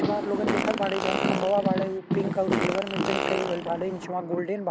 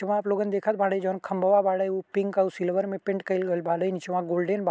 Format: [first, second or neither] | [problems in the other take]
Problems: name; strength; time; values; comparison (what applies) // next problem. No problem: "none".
second | background sound (Fart + Thunder); as loud as the speech